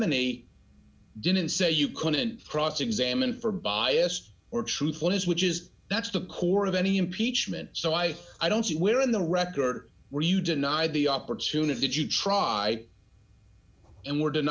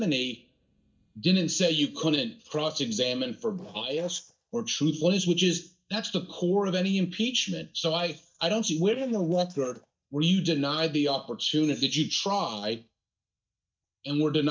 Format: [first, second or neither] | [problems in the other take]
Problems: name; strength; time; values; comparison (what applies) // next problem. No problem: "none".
first | noise reduction (neural mask model DeepFilterNet 3)